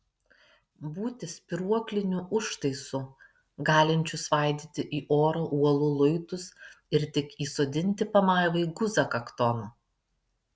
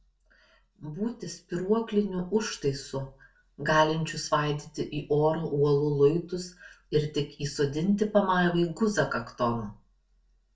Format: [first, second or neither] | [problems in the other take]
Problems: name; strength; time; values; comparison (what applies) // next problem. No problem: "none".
first | room echo; dies away in 0.2 s